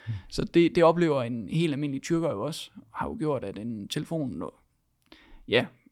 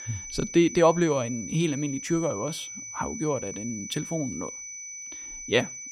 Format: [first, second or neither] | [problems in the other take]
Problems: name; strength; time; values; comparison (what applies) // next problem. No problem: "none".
first | high-pitched whine; loud; throughout; 6 kHz, 10 dB below the speech